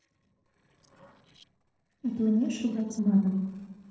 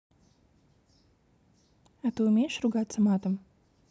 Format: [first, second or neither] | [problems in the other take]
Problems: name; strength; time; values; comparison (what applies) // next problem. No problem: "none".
second | noise reduction (neural separator model SepFormer DNS4)